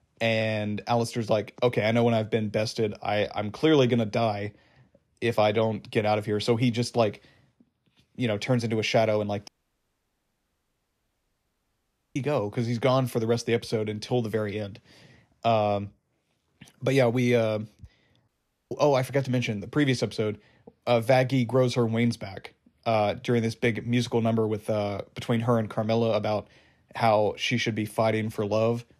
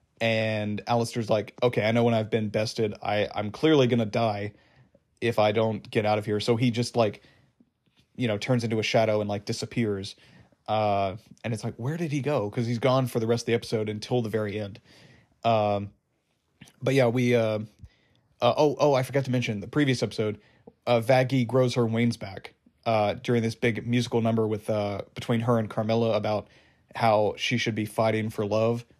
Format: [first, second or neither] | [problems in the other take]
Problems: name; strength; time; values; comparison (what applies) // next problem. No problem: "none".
second | audio cutting out; at 9.5 s for 2.5 s and at 18 s